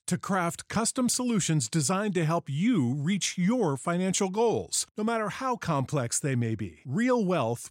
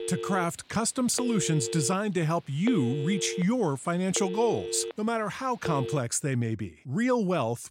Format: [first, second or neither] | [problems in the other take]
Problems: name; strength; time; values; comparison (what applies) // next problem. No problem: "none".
first | phone ringing; noticeable; until 6 s; peak 7 dB below the speech